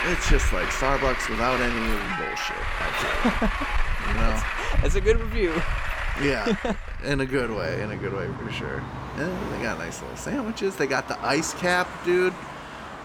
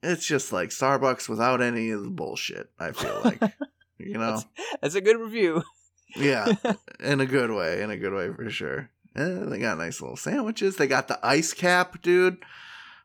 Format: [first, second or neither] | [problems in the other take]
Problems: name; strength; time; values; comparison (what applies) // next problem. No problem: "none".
second | traffic noise; loud; throughout; 3 dB below the speech